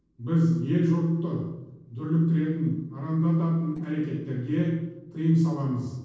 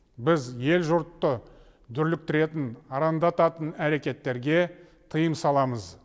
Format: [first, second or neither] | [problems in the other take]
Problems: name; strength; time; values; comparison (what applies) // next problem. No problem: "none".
second | noise reduction (neural separator model SepFormer DNS4)